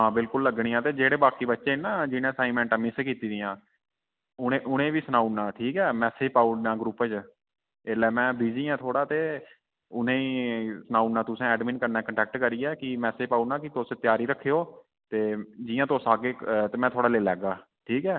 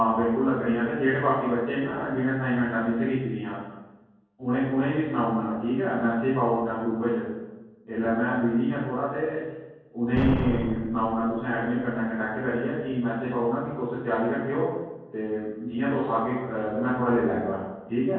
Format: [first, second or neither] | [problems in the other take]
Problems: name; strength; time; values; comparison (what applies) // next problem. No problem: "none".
first | background sound (Explosion); 5 dB below the speech // room echo; dies away in 1.3 s